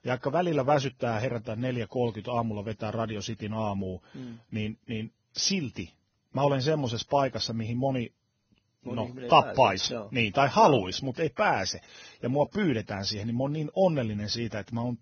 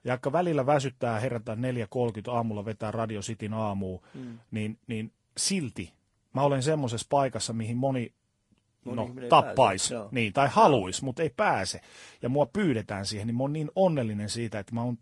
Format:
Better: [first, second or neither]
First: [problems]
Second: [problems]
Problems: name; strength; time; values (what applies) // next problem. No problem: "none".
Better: second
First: garbled, watery; badly; nothing above 6 kHz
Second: garbled, watery; slightly; nothing above 10 kHz